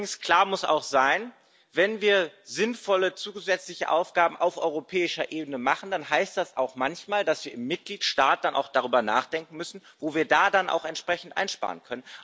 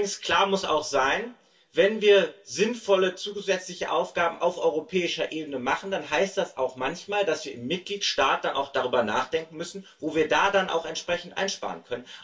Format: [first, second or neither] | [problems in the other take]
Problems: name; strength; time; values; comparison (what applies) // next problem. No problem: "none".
first | room echo; dies away in 0.2 s